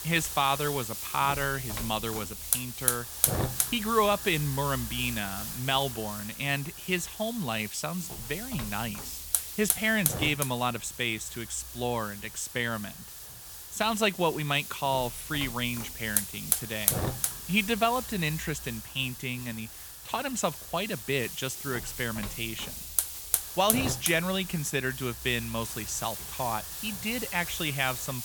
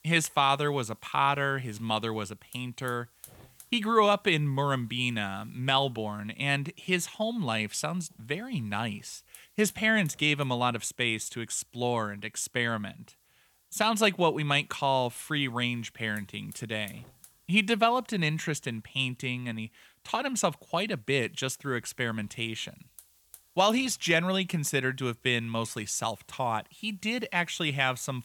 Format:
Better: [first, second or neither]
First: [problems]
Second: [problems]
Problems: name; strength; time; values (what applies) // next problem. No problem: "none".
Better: second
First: hiss; loud; throughout; 3 dB below the speech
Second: hiss; faint; throughout; 30 dB below the speech